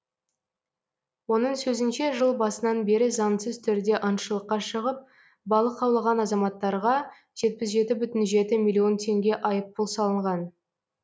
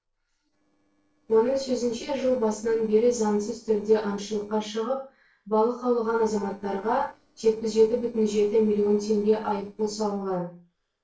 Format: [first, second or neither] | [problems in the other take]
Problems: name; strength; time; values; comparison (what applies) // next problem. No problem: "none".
first | noise reduction (neural separator model SepFormer DNS4)